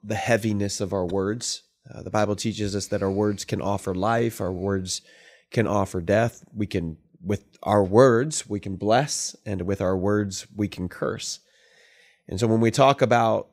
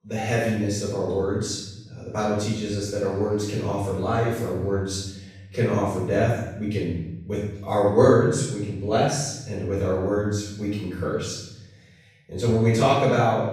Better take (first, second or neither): first